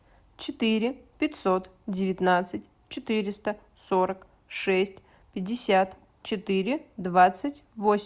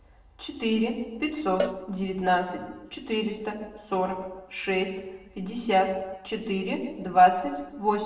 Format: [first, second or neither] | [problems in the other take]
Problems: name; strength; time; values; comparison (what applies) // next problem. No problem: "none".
first | background sound (Cowbell); 11 dB below the speech // room echo; dies away in 1 s